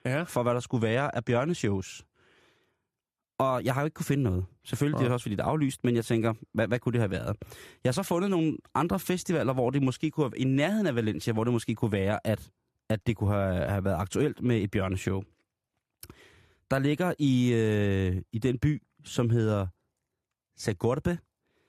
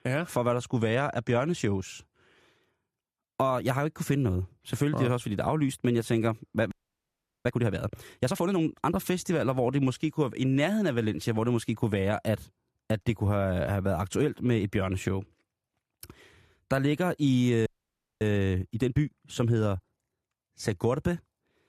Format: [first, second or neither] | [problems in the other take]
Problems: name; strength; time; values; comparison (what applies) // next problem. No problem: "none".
first | audio freezing; at 6.5 s for 0.5 s and at 18 s for 0.5 s